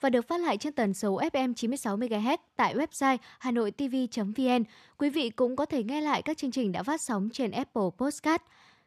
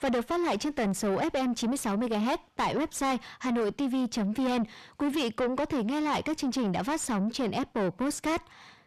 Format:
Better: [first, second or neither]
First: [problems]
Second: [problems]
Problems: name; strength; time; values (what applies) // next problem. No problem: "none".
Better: first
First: none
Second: distortion; heavy; 6 dB below the speech